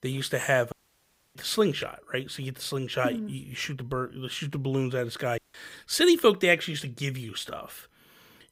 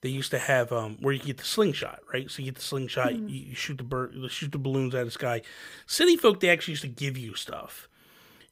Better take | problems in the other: second | audio cutting out; at 0.5 s for 0.5 s and at 5.5 s

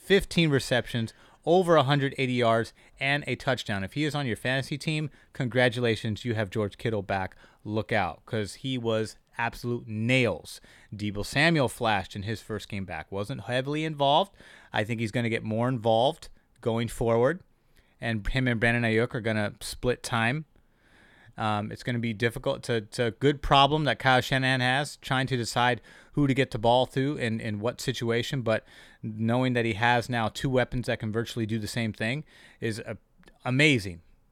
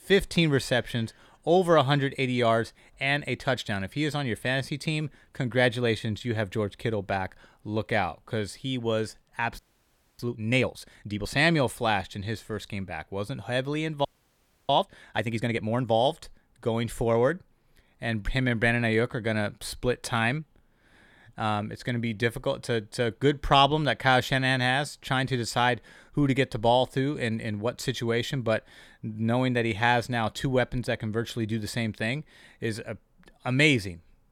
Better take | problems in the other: first | audio freezing; at 9.5 s for 0.5 s and at 14 s for 0.5 s

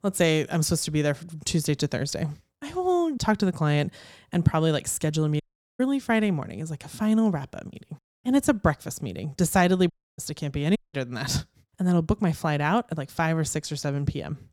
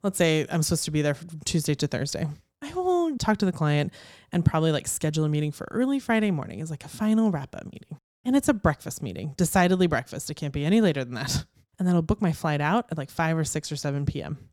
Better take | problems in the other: second | audio cutting out; at 5.5 s, at 10 s and at 11 s

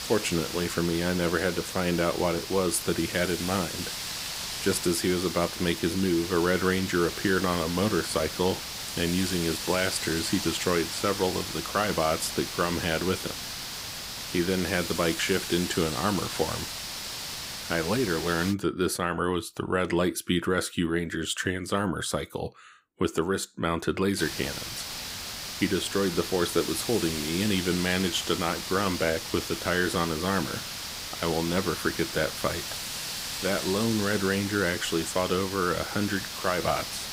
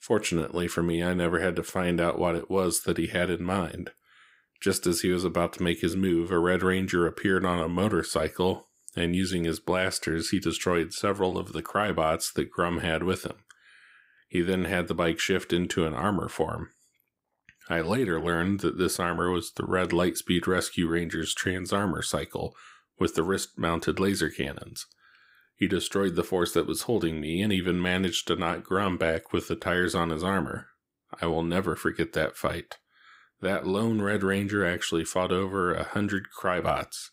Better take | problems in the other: second | hiss; loud; until 19 s and from 24 s on; 5 dB below the speech

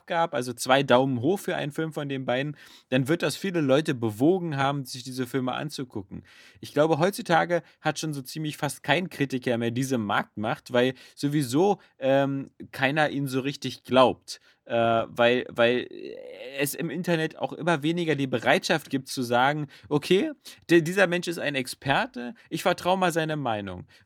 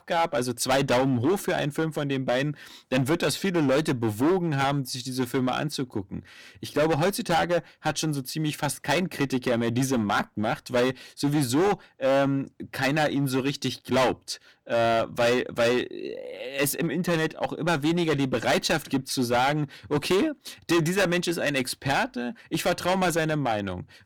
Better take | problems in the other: first | distortion; heavy; 11% of the sound clipped

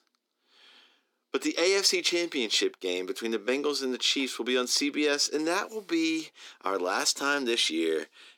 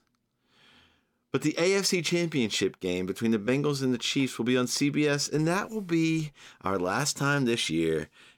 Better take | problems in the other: second | thin; very slightly; fading below 300 Hz

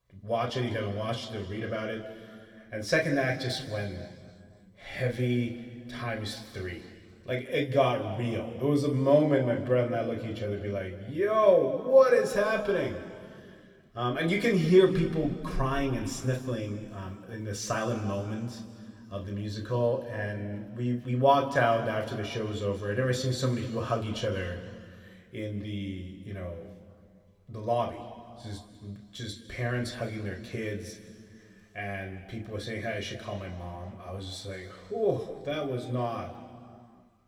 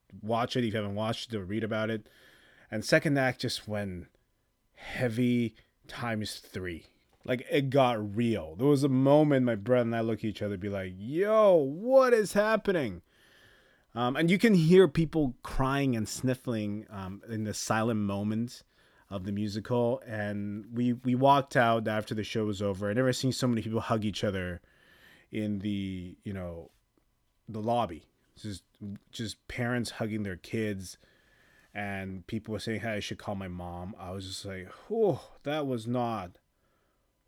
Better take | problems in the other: second | room echo; slight; dies away in 2 s // off-mic speech; somewhat distant

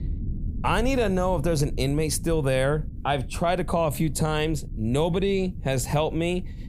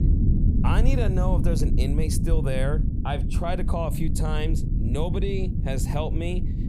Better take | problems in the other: first | low rumble; loud; throughout; 6 dB below the speech; faint in the first

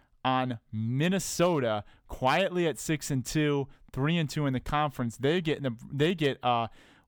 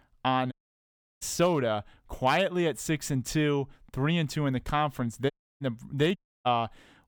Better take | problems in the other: first | audio cutting out; at 0.5 s for 0.5 s, at 5.5 s and at 6 s

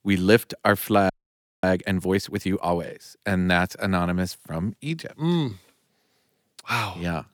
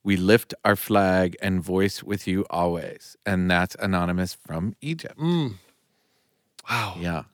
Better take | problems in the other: second | audio freezing; at 1 s for 0.5 s

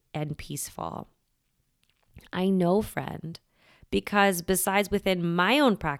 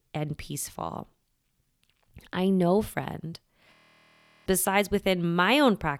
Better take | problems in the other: first | audio freezing; at 3.5 s for 0.5 s

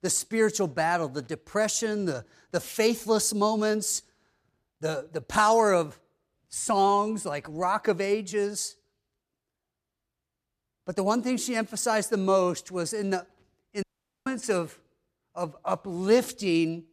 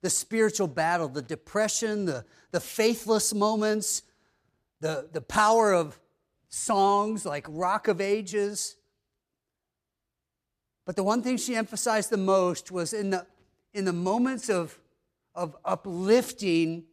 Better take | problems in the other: second | audio cutting out; at 14 s

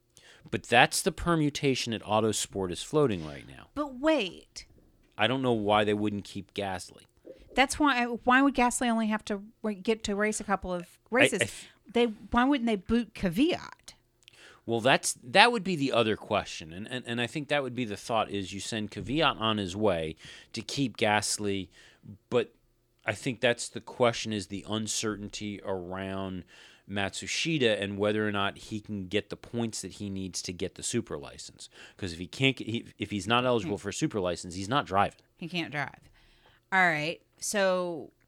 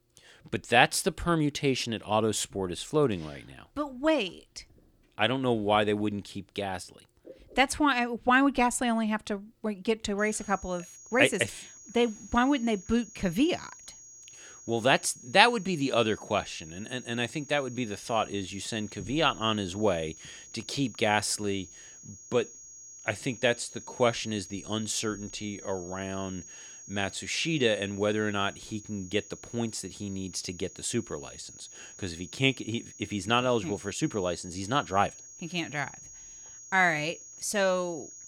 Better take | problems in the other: first | high-pitched whine; noticeable; from 10 s on; 6.5 kHz, 15 dB below the speech

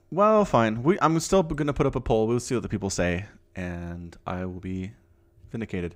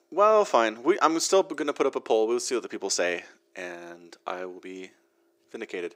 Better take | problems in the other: first | thin; somewhat; fading below 350 Hz

